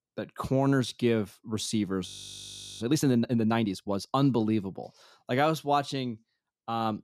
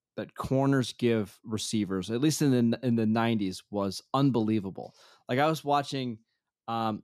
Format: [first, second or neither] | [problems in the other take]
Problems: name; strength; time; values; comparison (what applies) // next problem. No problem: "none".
second | audio freezing; at 2 s for 0.5 s